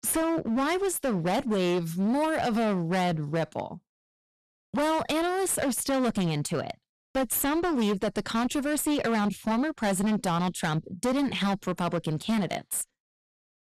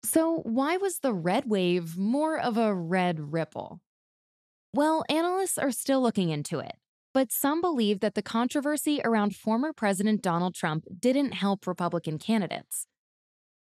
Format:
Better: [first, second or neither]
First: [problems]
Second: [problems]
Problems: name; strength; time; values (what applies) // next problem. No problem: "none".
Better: second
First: distortion; heavy; 20% of the sound clipped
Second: none